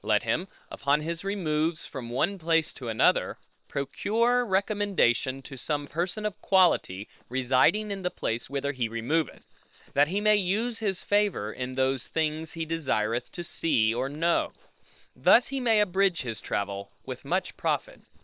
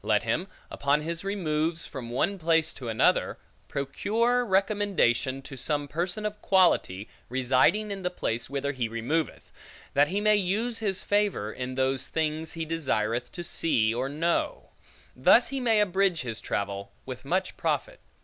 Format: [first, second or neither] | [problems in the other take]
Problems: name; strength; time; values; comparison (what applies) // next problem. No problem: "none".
second | noise reduction (neural separator model SepFormer WHAM!)